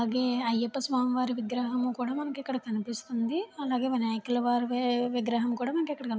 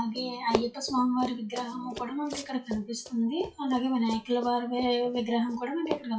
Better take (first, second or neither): first